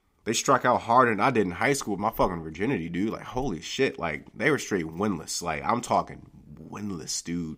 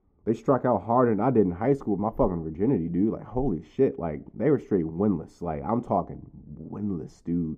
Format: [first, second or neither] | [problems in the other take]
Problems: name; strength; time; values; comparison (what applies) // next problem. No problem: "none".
first | muffled; very; fading above 1.5 kHz